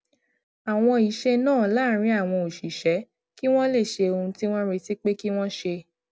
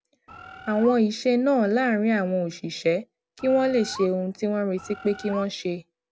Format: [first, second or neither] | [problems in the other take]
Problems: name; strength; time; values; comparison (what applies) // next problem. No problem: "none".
first | background sound (Bird); 15 dB below the speech